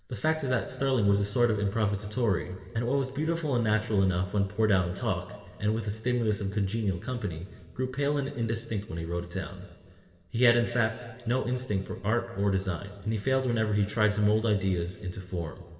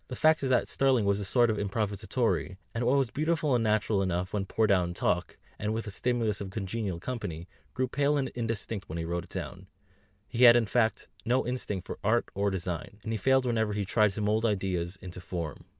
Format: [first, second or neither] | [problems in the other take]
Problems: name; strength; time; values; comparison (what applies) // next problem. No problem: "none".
second | room echo; dies away in 1.9 s